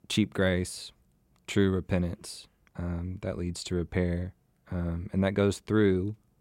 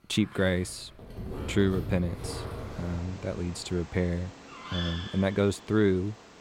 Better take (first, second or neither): first